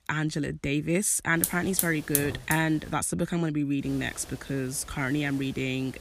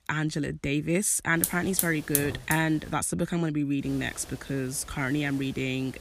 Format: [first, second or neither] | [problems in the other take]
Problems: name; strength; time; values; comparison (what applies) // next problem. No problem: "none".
neither | hiss; loud; from 1.5 to 3 s and from 4 s on; 2 dB below the speech; the same in both